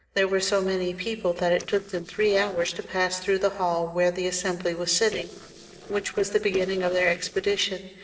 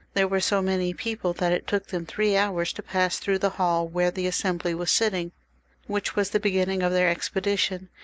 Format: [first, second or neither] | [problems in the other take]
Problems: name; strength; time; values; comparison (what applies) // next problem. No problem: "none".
second | noise reduction (neural separator model SepFormer DNS4)